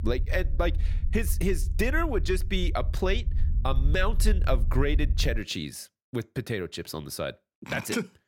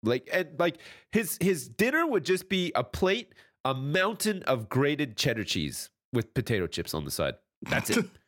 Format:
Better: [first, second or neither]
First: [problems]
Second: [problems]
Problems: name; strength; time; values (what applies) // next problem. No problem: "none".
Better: second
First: low rumble; noticeable; until 5.5 s; 20 dB below the speech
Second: none